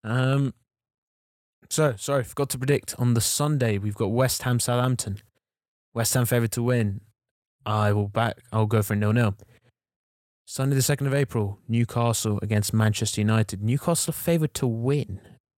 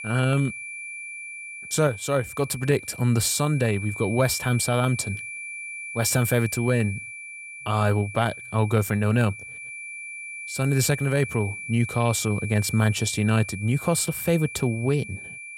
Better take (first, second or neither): first